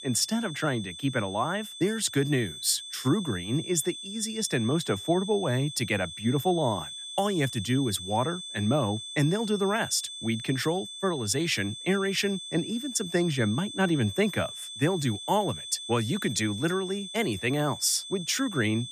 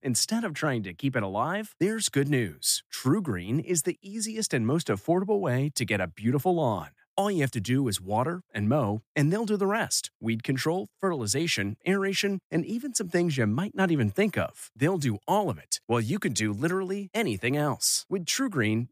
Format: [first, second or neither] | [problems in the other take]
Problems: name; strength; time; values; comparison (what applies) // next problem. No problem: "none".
second | high-pitched whine; loud; throughout; 3.5 kHz, 9 dB below the speech